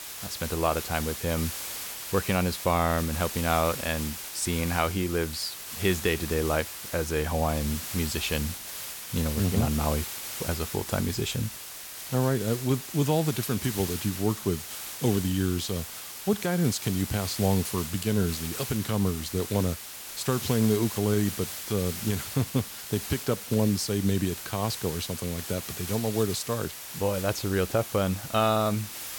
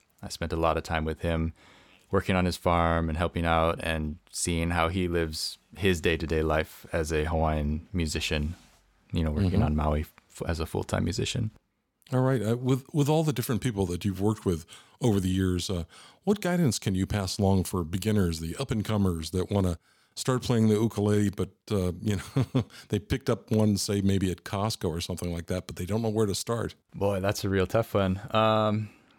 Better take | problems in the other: second | hiss; loud; throughout; 7 dB below the speech

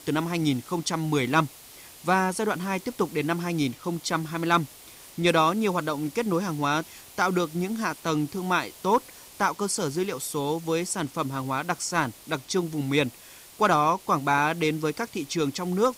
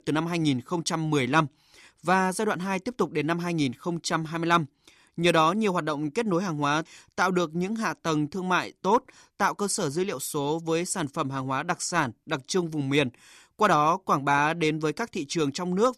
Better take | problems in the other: second | hiss; noticeable; throughout; 20 dB below the speech

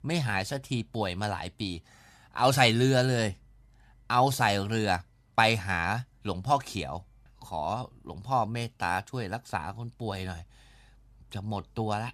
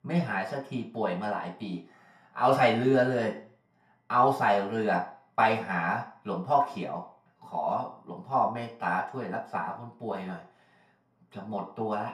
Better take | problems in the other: first | room echo; slight; dies away in 0.4 s // off-mic speech; far

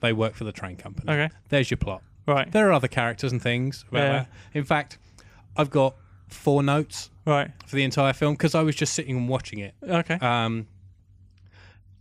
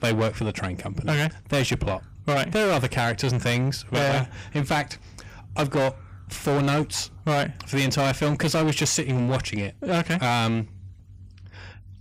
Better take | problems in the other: first | distortion; heavy; 6 dB below the speech

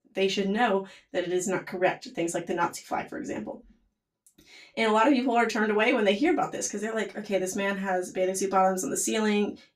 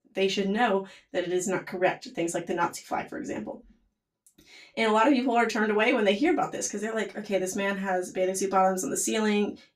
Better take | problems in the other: neither | room echo; very slight; dies away in 0.2 s; the same in both // off-mic speech; far; the same in both

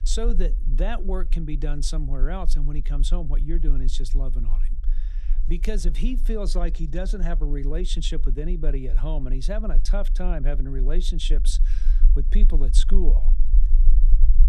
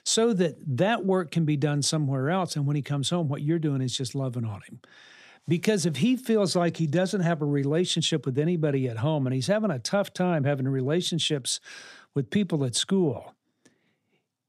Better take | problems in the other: second | low rumble; noticeable; throughout; 15 dB below the speech

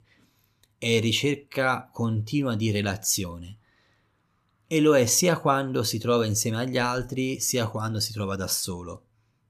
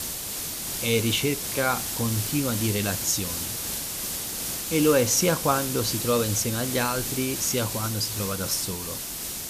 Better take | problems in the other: first | hiss; loud; throughout; 3 dB below the speech

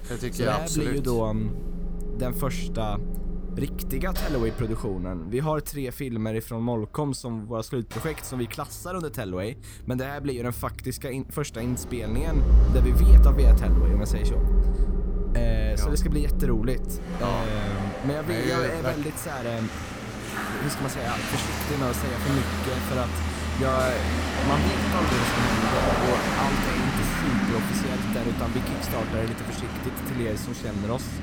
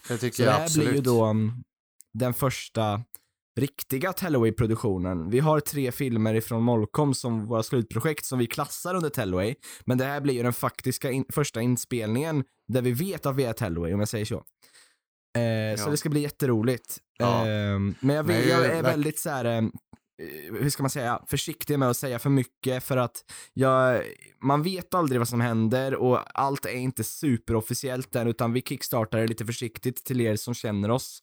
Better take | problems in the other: second | traffic noise; very loud; throughout; 3 dB above the speech

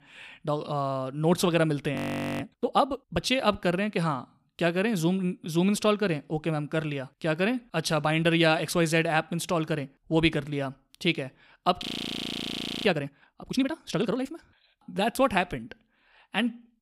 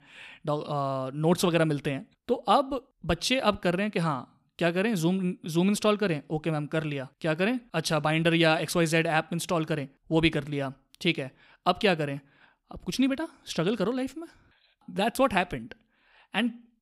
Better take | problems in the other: second | audio freezing; at 2 s and at 12 s for 1 s

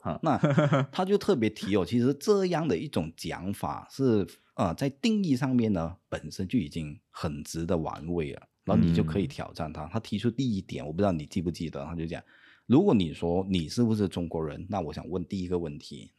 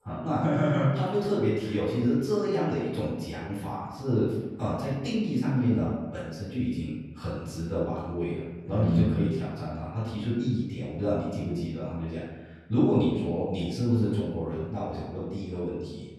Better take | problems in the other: first | off-mic speech; far // room echo; strong; dies away in 1.2 s

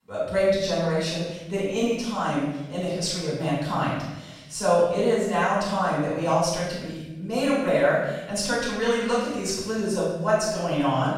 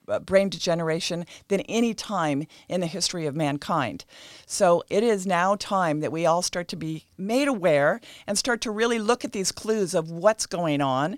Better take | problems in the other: second | off-mic speech; far // room echo; strong; dies away in 1 s

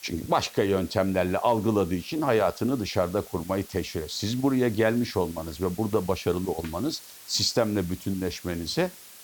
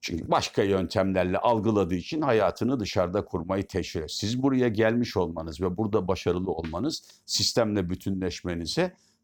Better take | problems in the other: second | hiss; noticeable; throughout; 20 dB below the speech

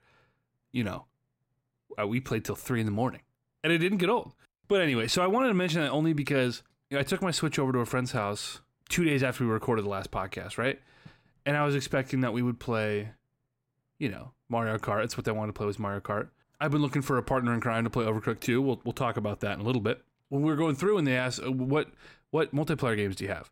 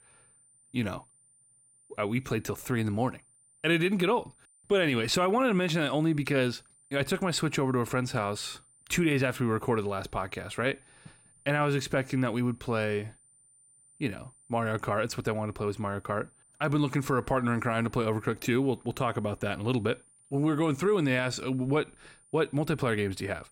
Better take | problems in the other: first | high-pitched whine; faint; throughout; 9 kHz, 30 dB below the speech

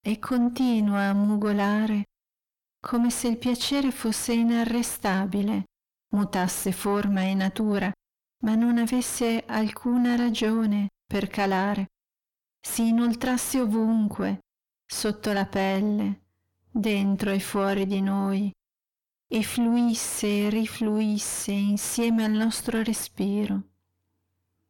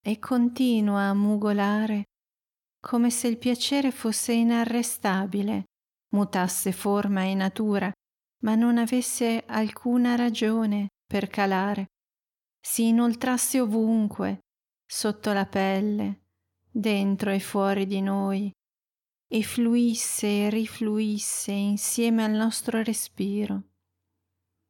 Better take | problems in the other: second | distortion; slight; 9 dB below the speech

